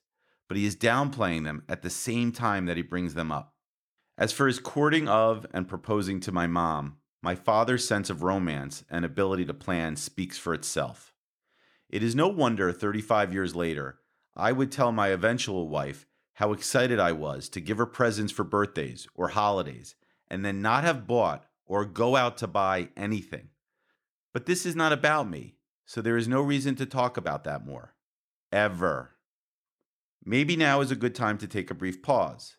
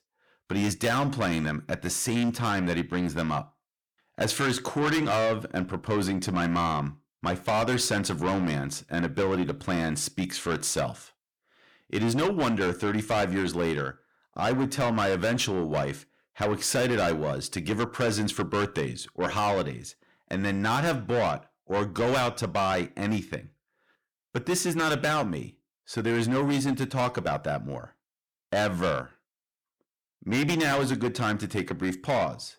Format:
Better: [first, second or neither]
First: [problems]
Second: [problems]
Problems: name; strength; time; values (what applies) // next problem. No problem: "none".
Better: first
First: none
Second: distortion; heavy; 6 dB below the speech